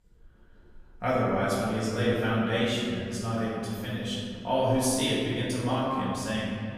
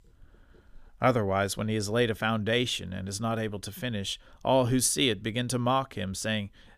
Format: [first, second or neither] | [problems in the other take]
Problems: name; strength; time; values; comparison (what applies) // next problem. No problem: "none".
second | room echo; strong; dies away in 2.3 s // off-mic speech; far